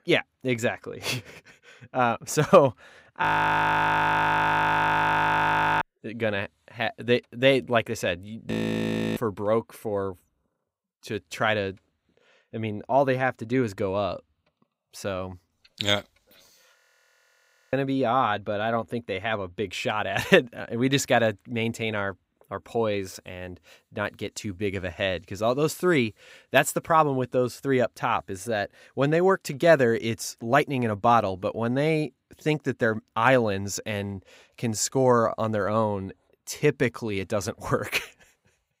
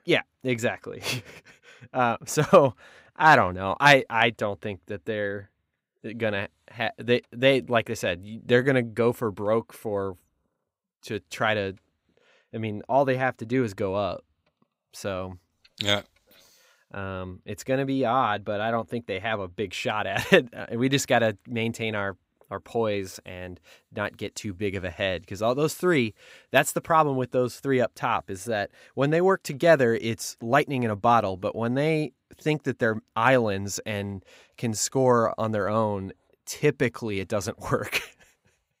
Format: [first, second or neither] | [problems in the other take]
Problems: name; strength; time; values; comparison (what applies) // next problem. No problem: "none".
second | audio freezing; at 3 s for 2.5 s, at 8.5 s for 0.5 s and at 17 s for 1 s